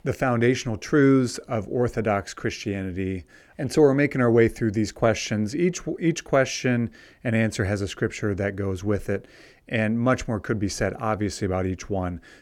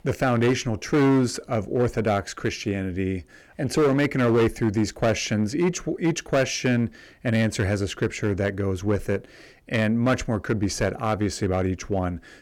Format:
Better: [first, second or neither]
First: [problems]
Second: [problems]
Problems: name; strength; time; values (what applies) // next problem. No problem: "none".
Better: first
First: none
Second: distortion; slight; 6% of the sound clipped